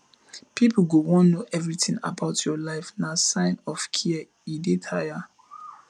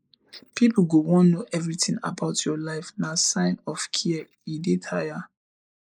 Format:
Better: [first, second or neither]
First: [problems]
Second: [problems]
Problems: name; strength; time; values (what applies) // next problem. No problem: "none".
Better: first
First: none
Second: noise reduction (neural mask model Resemble Enhance denoiser)